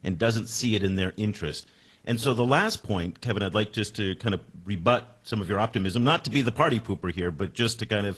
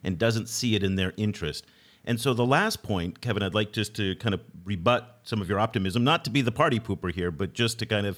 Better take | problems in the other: second | garbled, watery; slightly

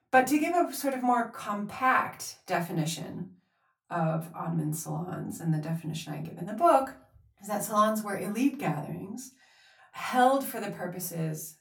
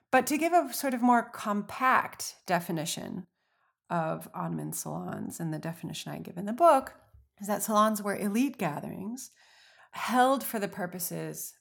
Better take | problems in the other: second | off-mic speech; far // room echo; very slight; dies away in 0.2 s

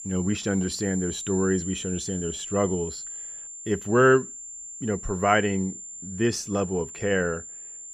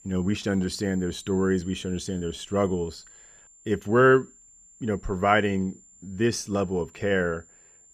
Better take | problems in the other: second | high-pitched whine; loud; throughout; 7.5 kHz, 10 dB below the speech; faint in the second

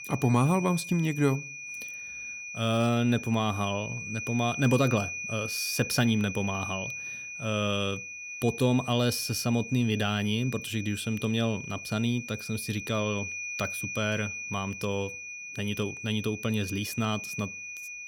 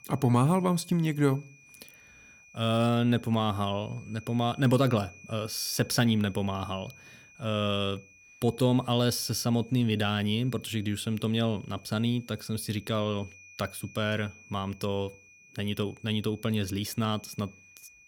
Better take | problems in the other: second | high-pitched whine; loud; throughout; 2.5 kHz, 7 dB below the speech; faint in the second

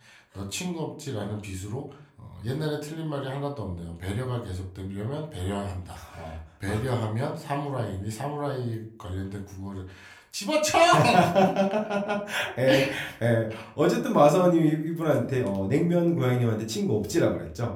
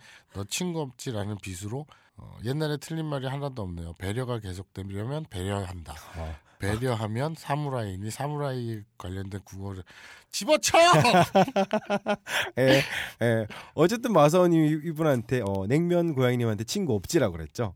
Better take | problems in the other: second | room echo; slight; dies away in 0.4 s // off-mic speech; somewhat distant

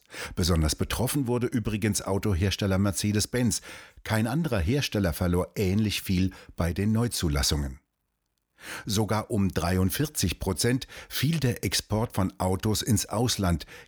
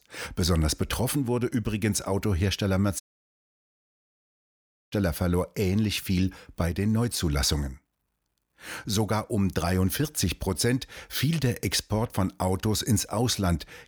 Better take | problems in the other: first | audio cutting out; at 3 s for 2 s

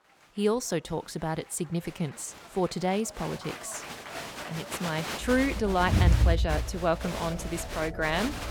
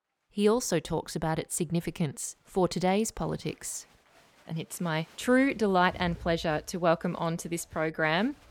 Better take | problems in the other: second | crowd noise; loud; throughout; 1 dB below the speech; faint in the second

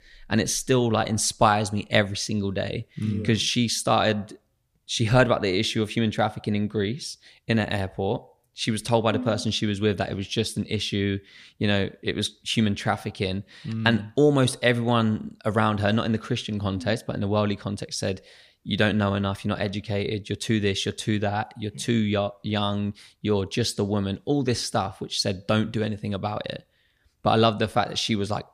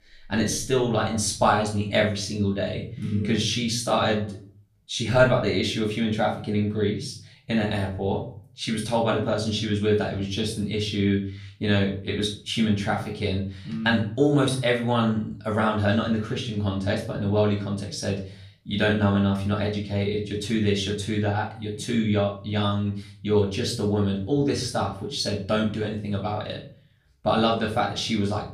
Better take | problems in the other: first | off-mic speech; far // room echo; slight; dies away in 0.4 s

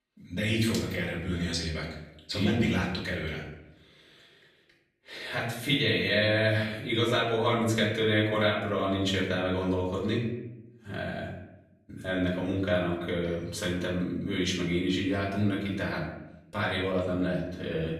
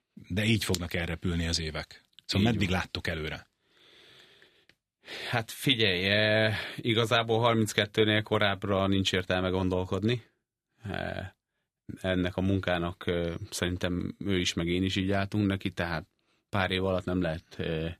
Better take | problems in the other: second | off-mic speech; far // room echo; noticeable; dies away in 0.8 s

